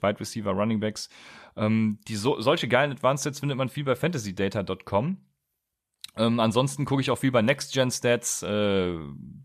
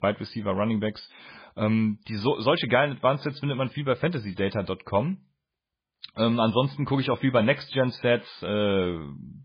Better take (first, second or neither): first